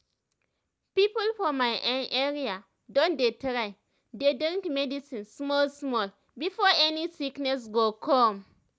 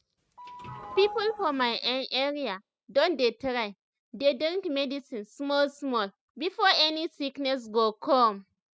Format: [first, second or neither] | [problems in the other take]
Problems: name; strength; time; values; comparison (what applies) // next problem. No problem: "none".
first | noise reduction (classical method spectral subtraction)